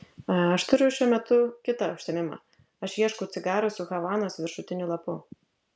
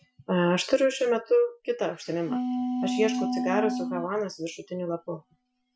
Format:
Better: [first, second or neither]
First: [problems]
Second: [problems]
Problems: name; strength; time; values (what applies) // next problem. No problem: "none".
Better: first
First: none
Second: noise reduction (classical method Wiener filter)